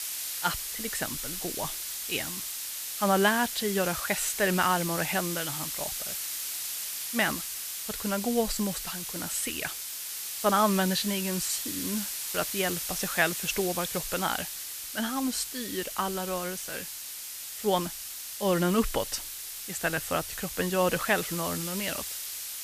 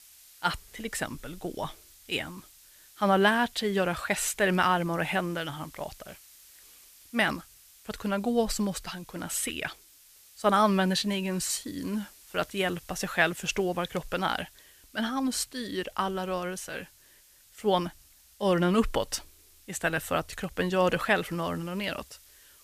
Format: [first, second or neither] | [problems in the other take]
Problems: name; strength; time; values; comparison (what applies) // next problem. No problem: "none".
second | hiss; loud; throughout; 3 dB below the speech; faint in the second